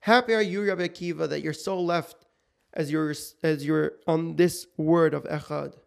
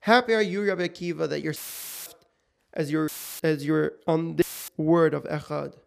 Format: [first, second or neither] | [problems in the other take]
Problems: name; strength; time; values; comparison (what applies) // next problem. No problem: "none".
first | audio cutting out; filled with static; at 1.5 s for 0.5 s, at 3 s and at 4.5 s